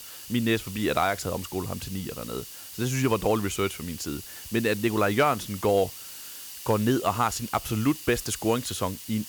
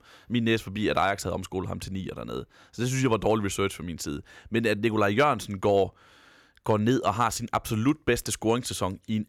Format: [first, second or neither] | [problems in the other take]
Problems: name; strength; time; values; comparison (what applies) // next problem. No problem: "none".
second | hiss; noticeable; throughout; 10 dB below the speech